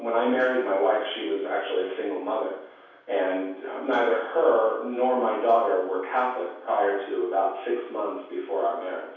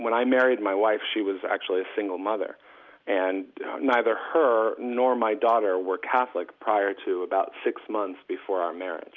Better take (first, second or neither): second